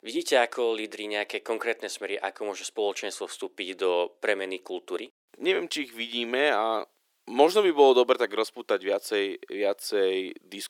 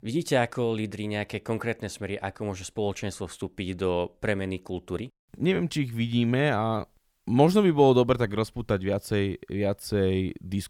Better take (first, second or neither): second